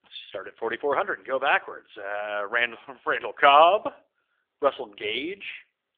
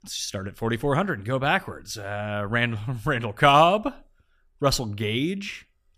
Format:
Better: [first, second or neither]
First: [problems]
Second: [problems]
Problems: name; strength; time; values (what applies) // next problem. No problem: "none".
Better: second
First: phone-call audio; nothing above 3.5 kHz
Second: none